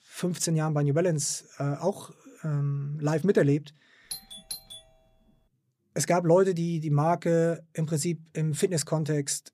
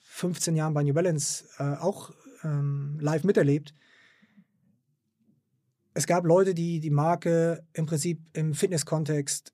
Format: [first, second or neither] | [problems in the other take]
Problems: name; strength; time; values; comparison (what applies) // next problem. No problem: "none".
second | doorbell; faint; at 4 s; peak 10 dB below the speech